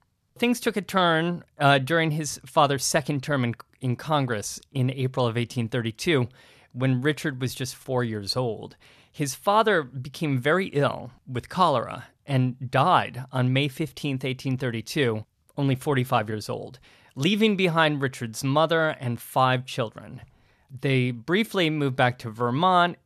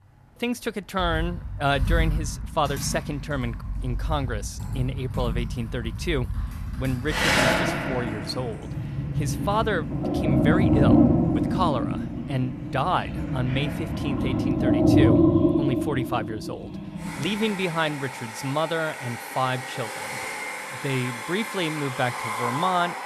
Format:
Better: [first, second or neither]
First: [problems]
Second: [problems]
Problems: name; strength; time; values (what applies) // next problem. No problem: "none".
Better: first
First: none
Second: household noises; very loud; throughout; 2 dB above the speech